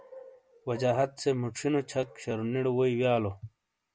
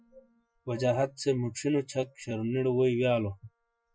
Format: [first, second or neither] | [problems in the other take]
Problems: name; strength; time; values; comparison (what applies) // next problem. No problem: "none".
first | noise reduction (classical method Wiener filter)